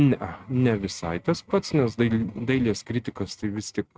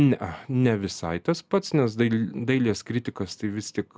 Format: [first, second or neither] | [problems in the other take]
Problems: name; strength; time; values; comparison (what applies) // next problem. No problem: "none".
second | noise reduction (neural mask model RNNoise)